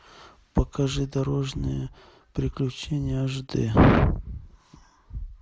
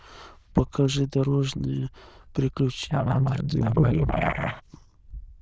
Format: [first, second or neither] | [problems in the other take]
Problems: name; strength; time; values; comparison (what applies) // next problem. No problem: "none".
first | noise reduction (neural diffusion model UNIVERSE++)